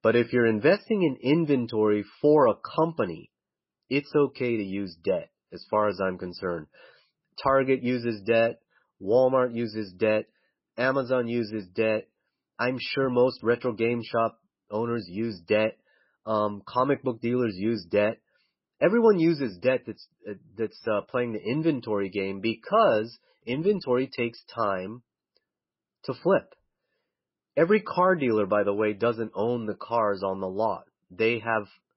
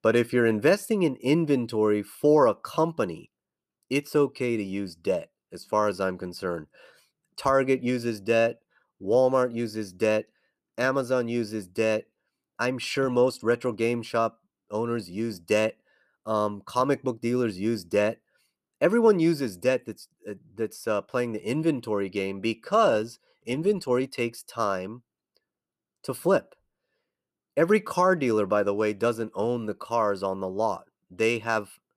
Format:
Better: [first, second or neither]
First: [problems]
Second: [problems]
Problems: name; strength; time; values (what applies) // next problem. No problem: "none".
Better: second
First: garbled, watery; badly; nothing above 5.5 kHz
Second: none